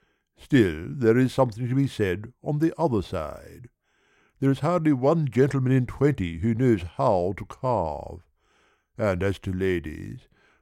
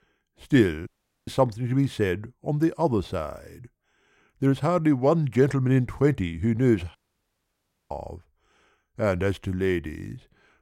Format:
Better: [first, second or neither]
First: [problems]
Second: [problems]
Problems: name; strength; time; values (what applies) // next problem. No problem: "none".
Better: first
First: none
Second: audio cutting out; at 1 s and at 7 s for 1 s